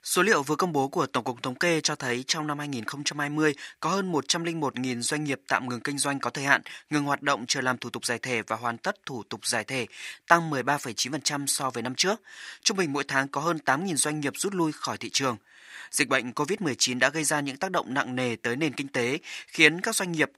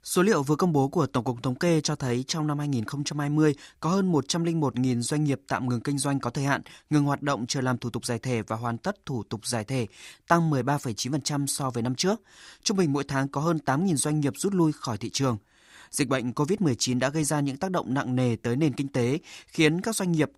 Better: second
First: thin; somewhat; fading below 1 kHz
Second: none

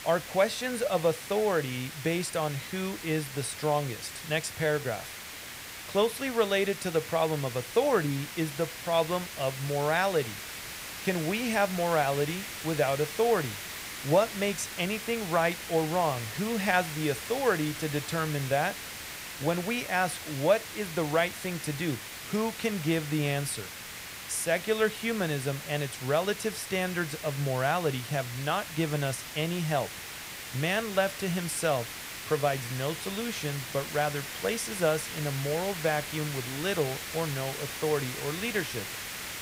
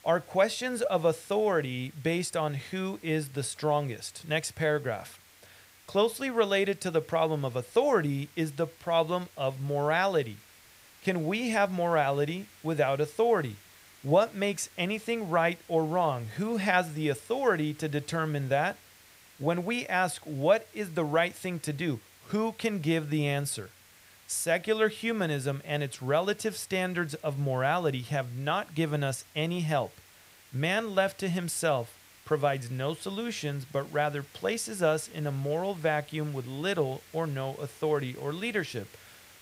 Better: second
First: hiss; loud; throughout; 8 dB below the speech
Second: hiss; faint; throughout; 25 dB below the speech

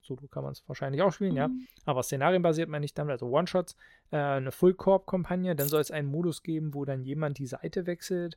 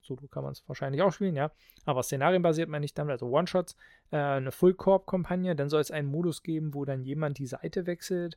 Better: second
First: phone ringing; noticeable; at 1.5 s; peak 4 dB below the speech // jangling keys; noticeable; at 5.5 s; peak 5 dB below the speech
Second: none

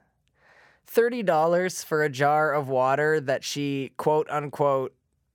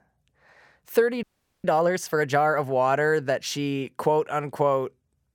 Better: first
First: none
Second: audio freezing; at 1 s

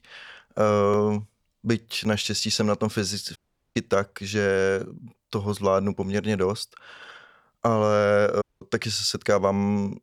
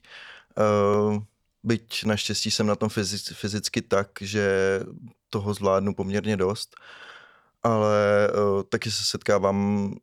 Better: second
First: audio cutting out; at 3.5 s and at 8.5 s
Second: none

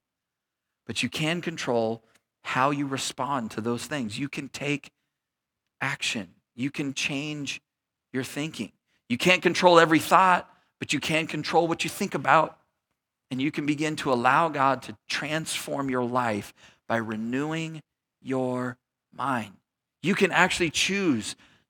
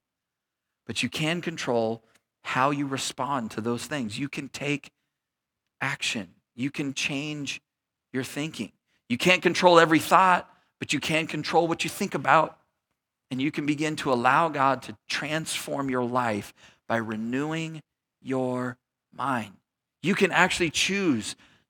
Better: neither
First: none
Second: none

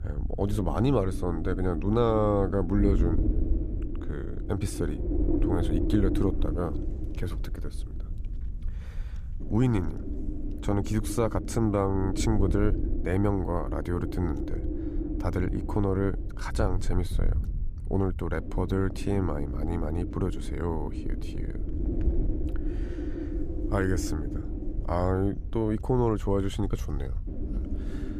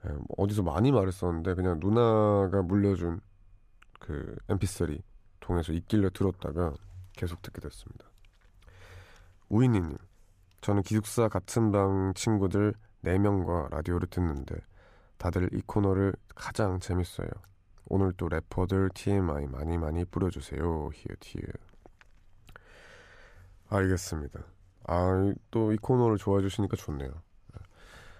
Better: second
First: wind noise on the microphone; heavy; 8 dB below the speech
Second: none

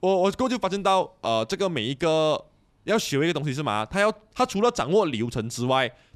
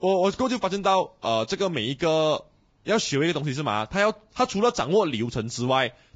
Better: first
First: none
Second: garbled, watery; badly; nothing above 7.5 kHz

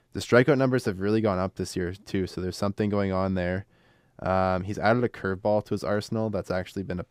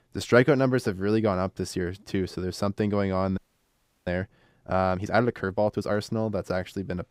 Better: first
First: none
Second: audio freezing; at 3.5 s for 0.5 s

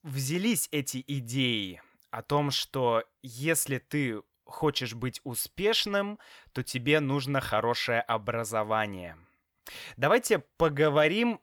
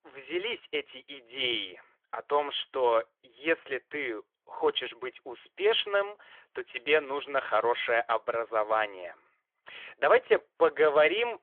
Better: first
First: none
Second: phone-call audio; nothing above 3.5 kHz

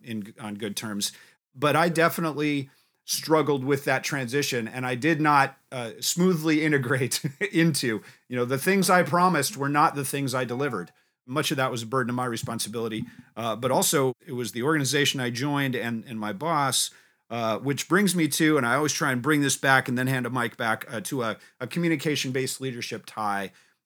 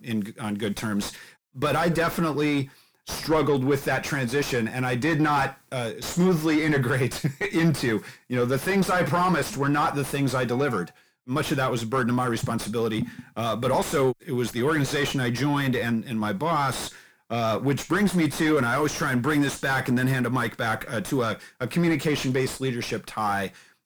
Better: first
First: none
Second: distortion; heavy; 5 dB below the speech

